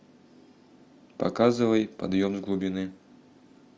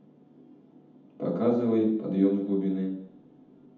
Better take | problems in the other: first | room echo; dies away in 0.8 s

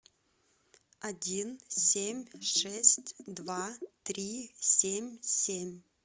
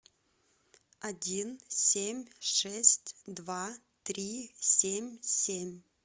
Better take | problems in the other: second | background sound (Bathtub (filling or washing)); 18 dB below the speech

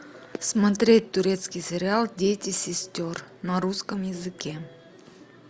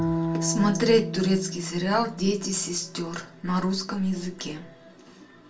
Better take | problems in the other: first | background sound (Bowed string instrument); 7 dB below the speech // room echo; dies away in 0.2 s

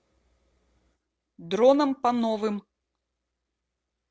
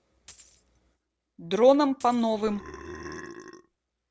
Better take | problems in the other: first | background sound (Burping, eructation + Coin (dropping)); 16 dB below the speech

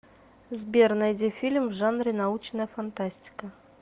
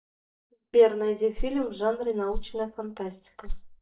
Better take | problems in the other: first | noise reduction (neural mask model DeepFilterNet 3)

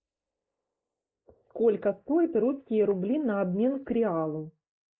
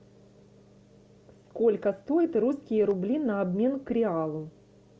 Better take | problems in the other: second | noise reduction (neural mask model Resemble Enhance denoiser)

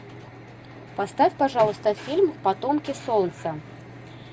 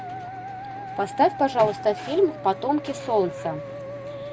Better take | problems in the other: first | background sound (Musical instrument); 11 dB below the speech

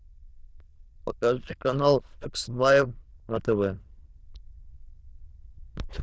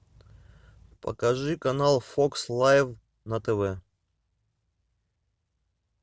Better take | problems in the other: second | noise reduction (neural diffusion model UNIVERSE++)

